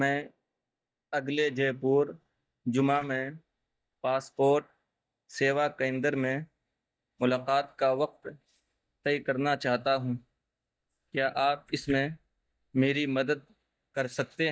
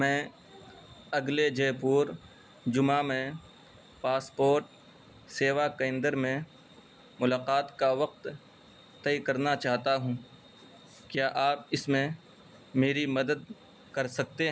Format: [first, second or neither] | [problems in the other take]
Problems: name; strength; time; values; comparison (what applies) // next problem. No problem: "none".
second | noise reduction (neural mask model DeepFilterNet 3)